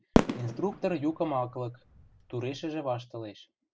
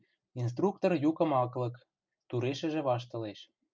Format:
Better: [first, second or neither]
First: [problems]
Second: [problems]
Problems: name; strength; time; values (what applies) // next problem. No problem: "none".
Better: second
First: background sound (Fireworks); 2 dB above the speech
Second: none